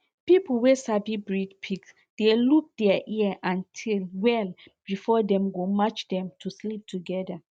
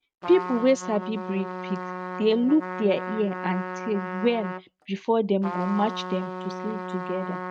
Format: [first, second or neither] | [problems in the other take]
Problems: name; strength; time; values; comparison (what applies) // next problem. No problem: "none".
first | noise reduction (neural mask model RNNoise)